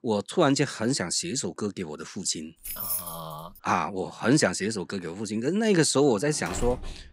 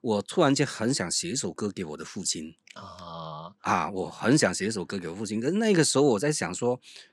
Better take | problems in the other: second | jangling keys; noticeable; at 2.5 s; peak 3 dB below the speech // door banging; faint; at 6 s; peak 10 dB below the speech

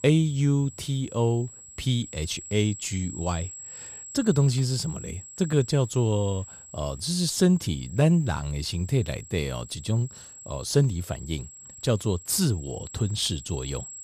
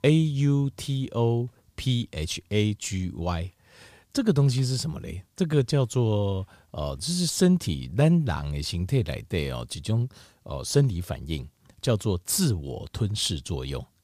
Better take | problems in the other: second | high-pitched whine; noticeable; throughout; 7.5 kHz, 15 dB below the speech

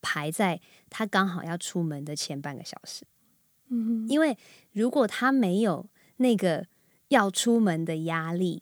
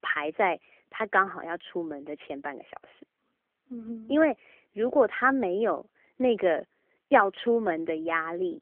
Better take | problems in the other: first | phone-call audio; nothing above 3 kHz

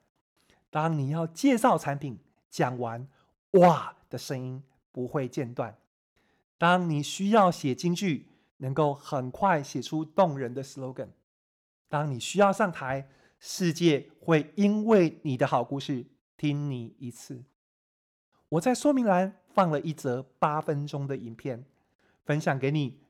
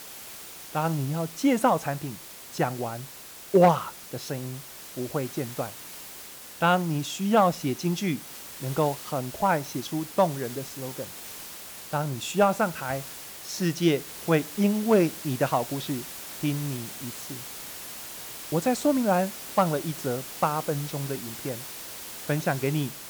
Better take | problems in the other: first | hiss; noticeable; throughout; 10 dB below the speech

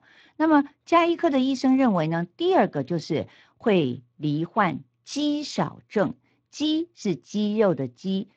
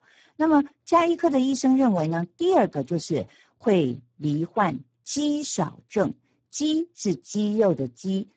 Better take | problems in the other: first | garbled, watery; badly; nothing above 7.5 kHz; slightly in the first

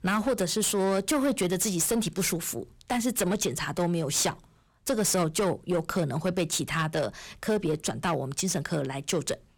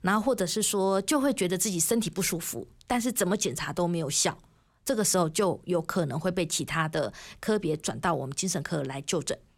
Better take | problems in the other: second | distortion; slight; 9% of the sound clipped

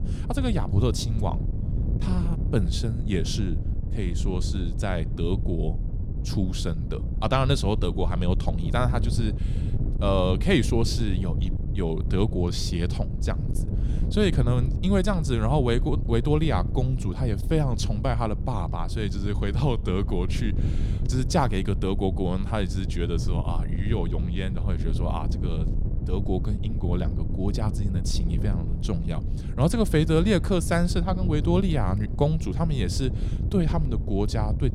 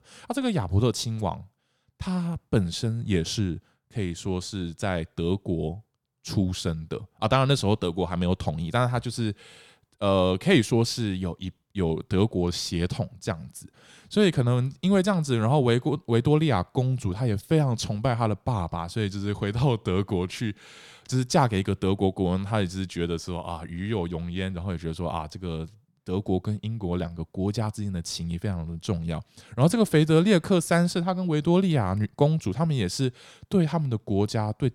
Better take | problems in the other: second | wind noise on the microphone; occasional gusts; 10 dB below the speech

